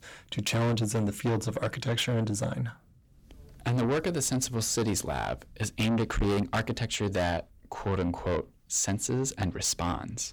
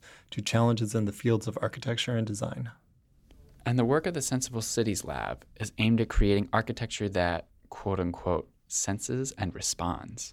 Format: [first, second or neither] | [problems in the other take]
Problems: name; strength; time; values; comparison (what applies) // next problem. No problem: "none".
second | distortion; heavy; 6 dB below the speech